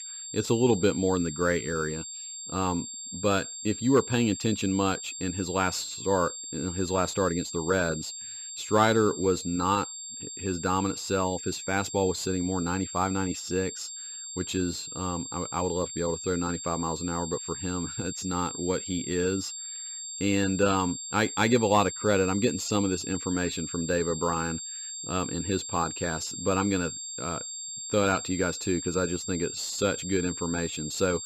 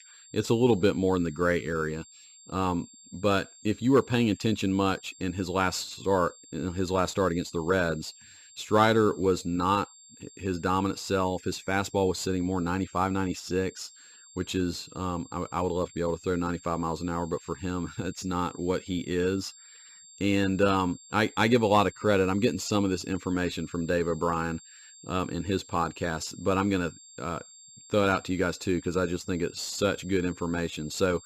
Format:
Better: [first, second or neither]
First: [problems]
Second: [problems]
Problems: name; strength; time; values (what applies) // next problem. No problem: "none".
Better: second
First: high-pitched whine; loud; throughout; 7.5 kHz, 7 dB below the speech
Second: high-pitched whine; faint; throughout; 7.5 kHz, 20 dB below the speech